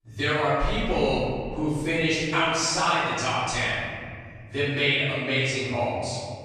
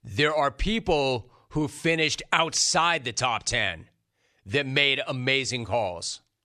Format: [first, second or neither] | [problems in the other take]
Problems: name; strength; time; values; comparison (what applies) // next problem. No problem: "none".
second | off-mic speech; far // room echo; strong; dies away in 2.3 s